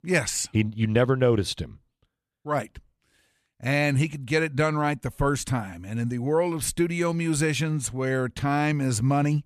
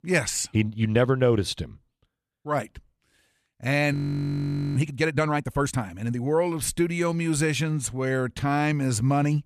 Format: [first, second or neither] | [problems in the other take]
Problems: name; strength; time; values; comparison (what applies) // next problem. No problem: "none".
first | audio freezing; at 4 s for 1 s